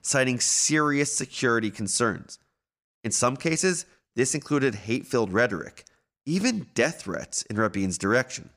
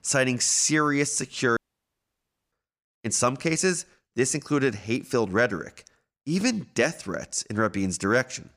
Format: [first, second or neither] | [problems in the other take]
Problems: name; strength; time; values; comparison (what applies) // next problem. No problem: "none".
first | audio cutting out; at 1.5 s for 1 s